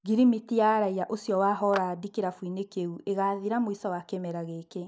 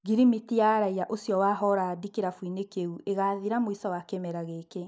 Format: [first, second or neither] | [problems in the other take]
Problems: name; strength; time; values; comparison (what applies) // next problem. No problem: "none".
second | background sound (Clapping); 16 dB below the speech